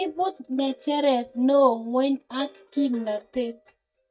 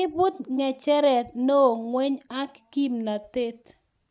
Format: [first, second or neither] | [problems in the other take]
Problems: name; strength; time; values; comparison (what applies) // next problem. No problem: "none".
second | noise reduction (neural mask model DeepFilterNet 3)